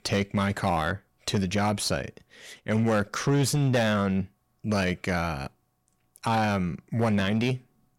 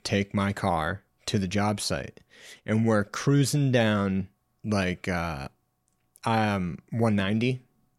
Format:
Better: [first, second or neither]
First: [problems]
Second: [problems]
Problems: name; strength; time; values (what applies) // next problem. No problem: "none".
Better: second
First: distortion; slight; 9% of the sound clipped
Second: none